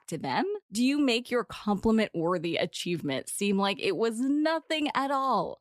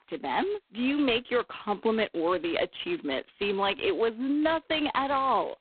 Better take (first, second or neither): first